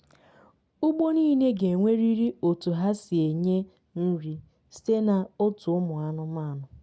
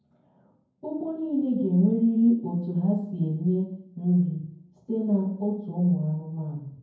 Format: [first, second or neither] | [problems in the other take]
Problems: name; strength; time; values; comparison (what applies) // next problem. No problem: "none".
first | room echo; dies away in 0.9 s